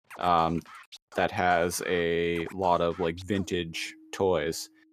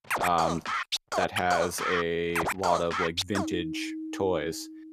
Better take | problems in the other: first | background music; loud; throughout; 2 dB below the speech; faint in the first

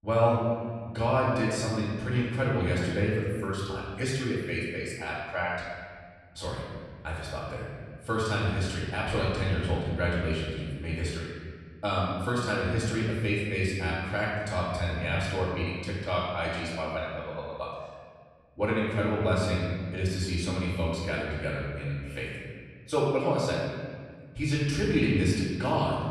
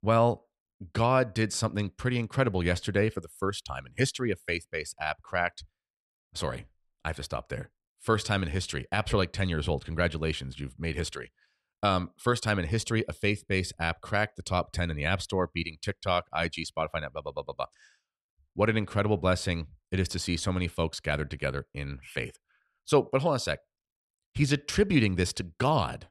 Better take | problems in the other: second | off-mic speech; far // room echo; noticeable; dies away in 1.7 s

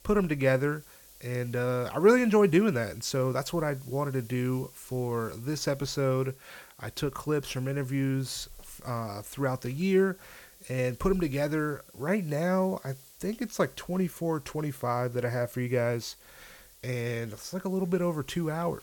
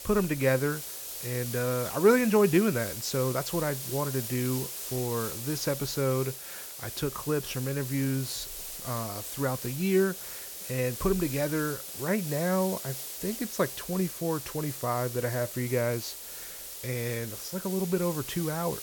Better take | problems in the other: first | hiss; loud; throughout; 7 dB below the speech; faint in the first

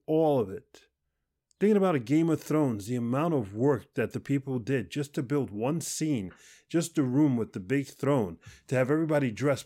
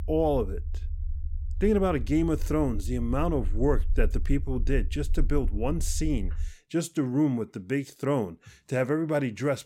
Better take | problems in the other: first | low rumble; faint; until 6.5 s; 25 dB below the speech

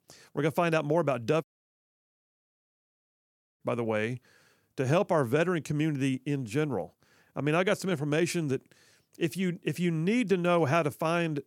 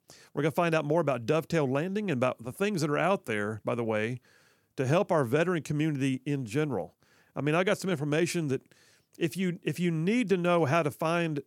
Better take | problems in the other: second | audio cutting out; at 1.5 s for 2 s

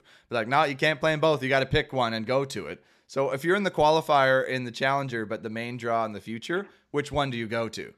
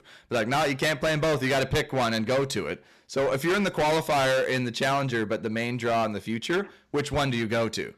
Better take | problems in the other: first | distortion; heavy; 19% of the sound clipped

